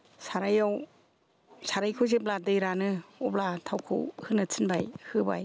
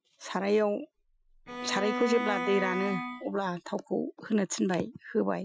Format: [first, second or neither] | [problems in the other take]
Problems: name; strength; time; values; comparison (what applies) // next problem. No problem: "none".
first | noise reduction (classical method Wiener filter)